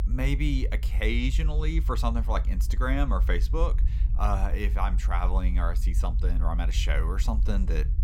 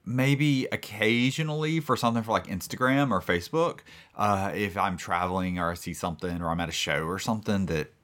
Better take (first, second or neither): second